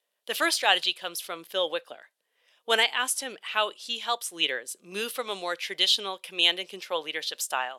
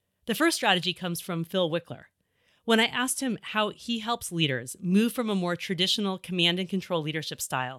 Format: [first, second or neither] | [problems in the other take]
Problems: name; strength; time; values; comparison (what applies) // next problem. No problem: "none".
second | thin; very; fading below 500 Hz